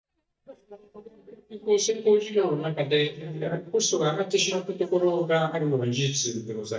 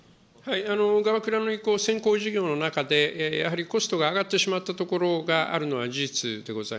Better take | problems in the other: second | noise reduction (neural mask model DeepFilterNet 3)

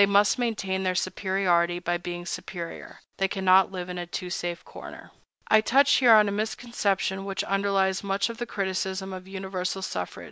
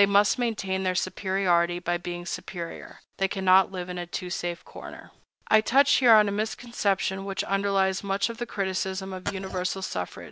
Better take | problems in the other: first | background sound (Glass); 8 dB below the speech

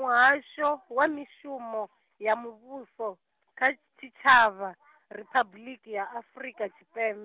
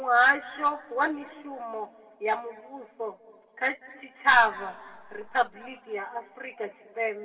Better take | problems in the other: first | room echo; dies away in 2.9 s

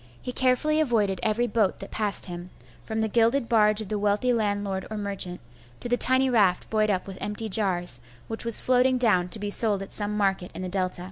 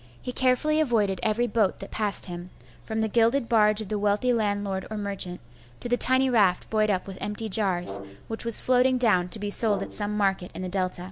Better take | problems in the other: first | background sound (Brass instrument); 15 dB below the speech

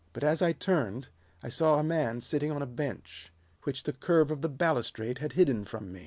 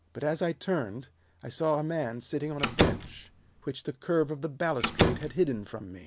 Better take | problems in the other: first | background sound (Slam); 1 dB above the speech

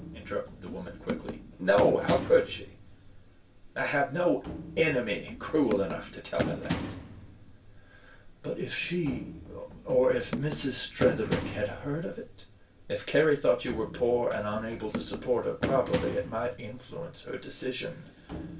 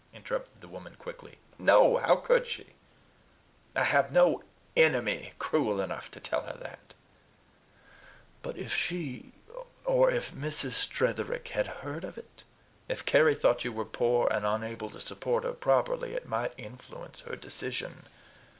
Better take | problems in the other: second | background sound (Run); 8 dB below the speech // room echo; dies away in 0.2 s

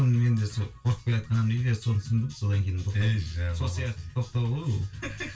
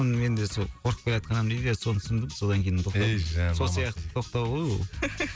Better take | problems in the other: second | room echo; dies away in 0.2 s

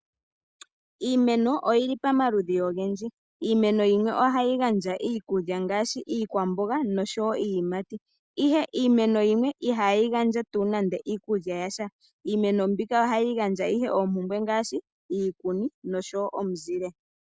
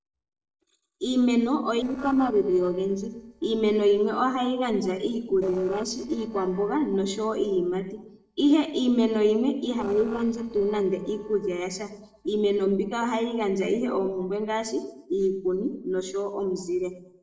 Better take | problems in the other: first | noise reduction (neural separator model SepFormer DNS4)

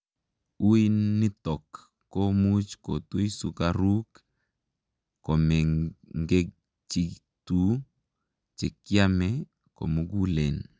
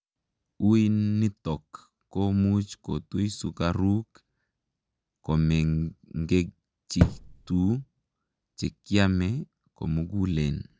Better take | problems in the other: first | background sound (Thump, thud); as loud as the speech

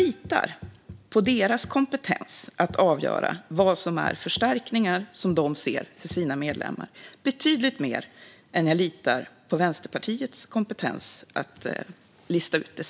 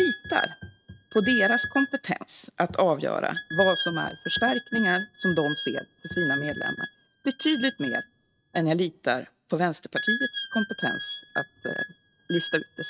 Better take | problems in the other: first | noise reduction (neural mask model RNNoise)

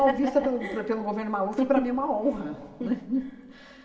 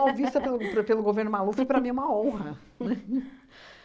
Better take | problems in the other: second | room echo; dies away in 2.2 s

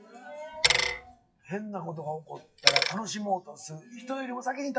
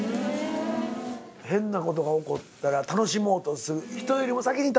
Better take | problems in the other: second | noise reduction (classical method WPE with log-MMSE)

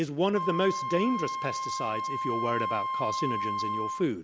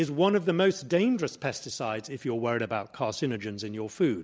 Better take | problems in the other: second | background sound (Wind instrument, woodwind instrument); 2 dB below the speech

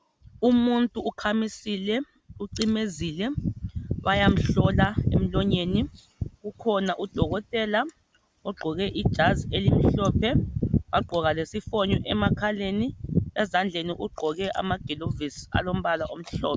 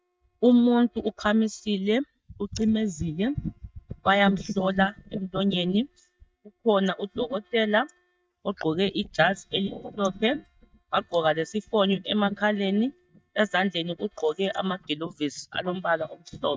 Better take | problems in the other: first | noise reduction (neural mask model DeepFilterNet 3)

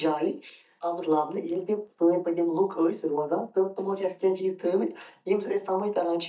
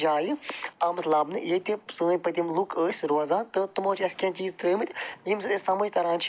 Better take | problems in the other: second | noise reduction (neural mask model DeepFilterNet 3)

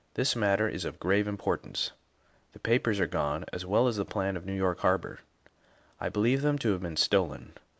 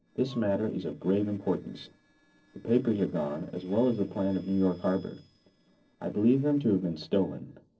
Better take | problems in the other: first | noise reduction (neural separator model SepFormer DNS4)

